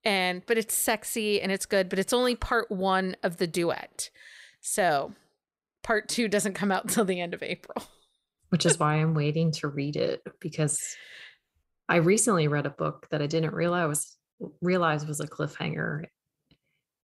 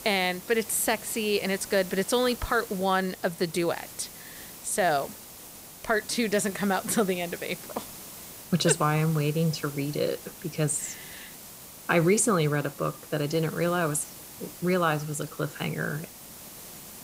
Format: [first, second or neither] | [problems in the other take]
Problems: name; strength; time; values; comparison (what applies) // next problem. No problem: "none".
first | hiss; noticeable; throughout; 15 dB below the speech